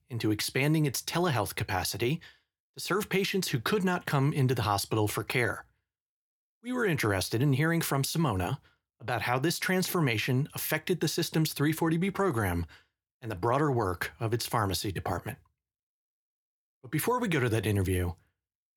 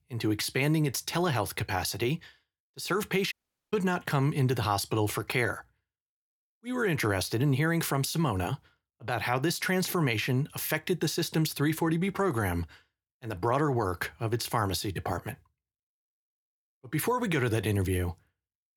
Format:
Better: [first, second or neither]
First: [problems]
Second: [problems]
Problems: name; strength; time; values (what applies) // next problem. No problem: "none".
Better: first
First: none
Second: audio cutting out; at 3.5 s